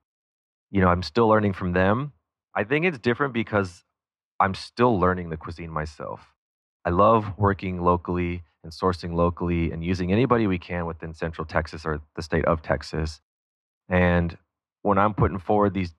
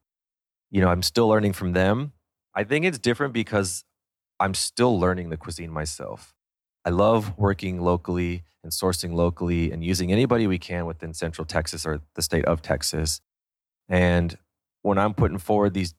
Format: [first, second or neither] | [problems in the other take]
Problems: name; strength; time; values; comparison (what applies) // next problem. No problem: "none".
second | muffled; slightly; fading above 2.5 kHz